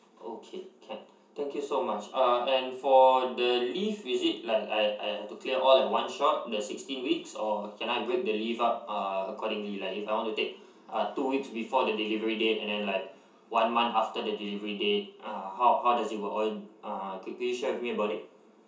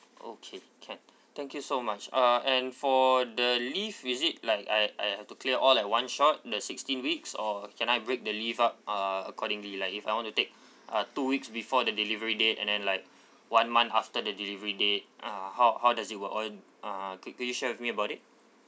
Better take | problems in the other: second | room echo; dies away in 0.6 s

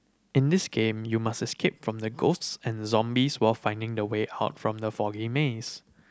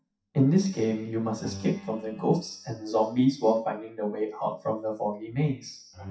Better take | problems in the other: first | noise reduction (classical method WPE with log-MMSE)

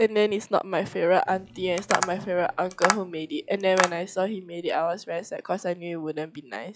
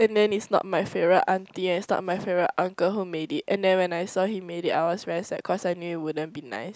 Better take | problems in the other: second | noise reduction (classical method log-MMSE)

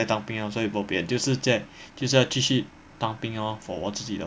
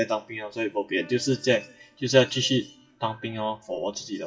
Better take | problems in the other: first | noise reduction (classical method WPE with log-MMSE)

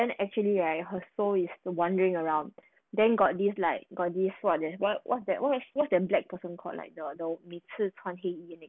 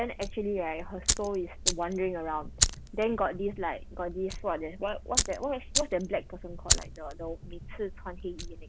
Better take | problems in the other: first | background sound (Fire); as loud as the speech

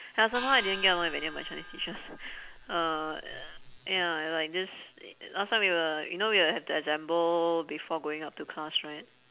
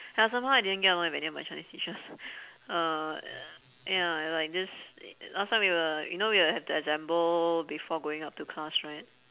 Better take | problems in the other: second | background sound (Gong); 11 dB below the speech

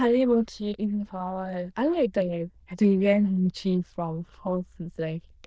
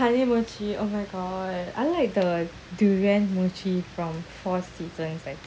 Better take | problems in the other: second | noise reduction (neural diffusion model UNIVERSE++)

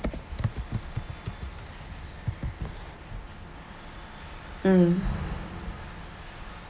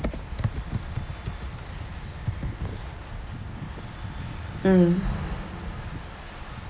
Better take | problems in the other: first | background sound (Wind); 9 dB below the speech

